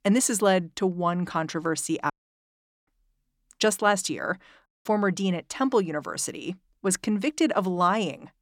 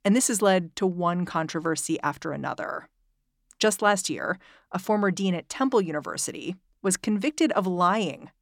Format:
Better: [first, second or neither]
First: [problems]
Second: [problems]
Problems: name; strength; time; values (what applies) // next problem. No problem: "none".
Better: second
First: audio cutting out; at 2 s for 1 s and at 4.5 s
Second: none